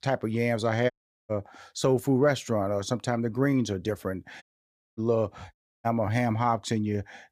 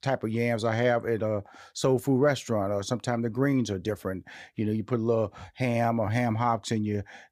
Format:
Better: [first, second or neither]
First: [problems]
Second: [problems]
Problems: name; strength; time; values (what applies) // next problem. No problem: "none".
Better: second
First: audio cutting out; at 1 s, at 4.5 s for 0.5 s and at 5.5 s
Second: none